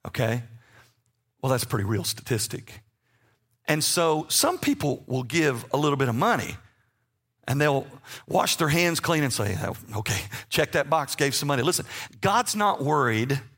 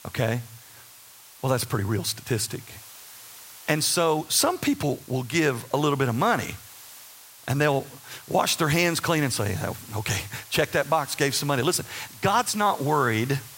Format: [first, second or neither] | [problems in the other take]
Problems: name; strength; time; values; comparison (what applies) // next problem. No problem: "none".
first | hiss; noticeable; throughout; 20 dB below the speech